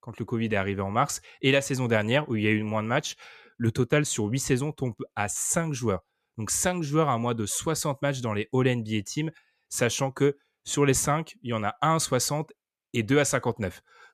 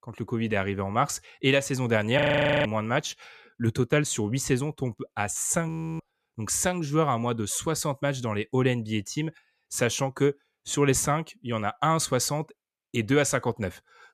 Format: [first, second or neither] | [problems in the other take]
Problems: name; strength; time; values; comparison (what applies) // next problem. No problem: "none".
first | audio freezing; at 2 s and at 5.5 s